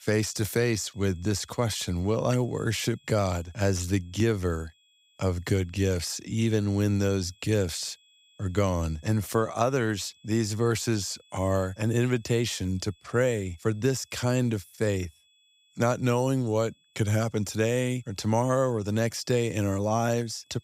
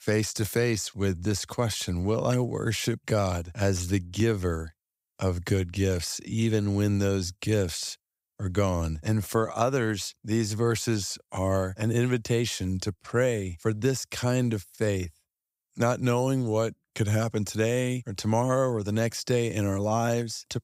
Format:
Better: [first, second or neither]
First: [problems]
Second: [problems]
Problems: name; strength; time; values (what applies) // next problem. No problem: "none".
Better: second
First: high-pitched whine; faint; throughout; 3.5 kHz, 30 dB below the speech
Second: none